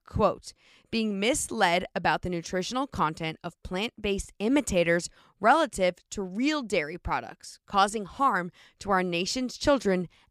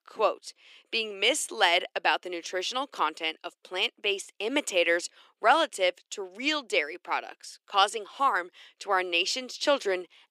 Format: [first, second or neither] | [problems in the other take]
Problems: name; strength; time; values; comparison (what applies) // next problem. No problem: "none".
first | thin; somewhat; fading below 350 Hz